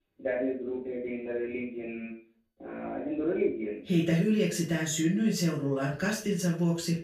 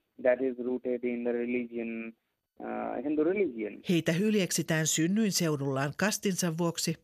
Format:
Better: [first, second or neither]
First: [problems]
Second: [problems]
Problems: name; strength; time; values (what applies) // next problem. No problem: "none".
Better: second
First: off-mic speech; far // room echo; slight; dies away in 0.3 s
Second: none